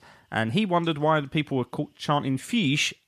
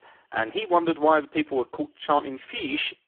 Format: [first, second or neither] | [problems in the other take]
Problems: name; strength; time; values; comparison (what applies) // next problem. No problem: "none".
first | phone-call audio; poor line; nothing above 3.5 kHz